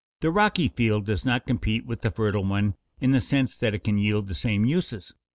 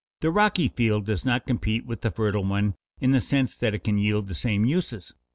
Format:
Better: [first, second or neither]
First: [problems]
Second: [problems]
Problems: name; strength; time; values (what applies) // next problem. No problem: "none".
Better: second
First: noise reduction (neural mask model Resemble Enhance denoiser)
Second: none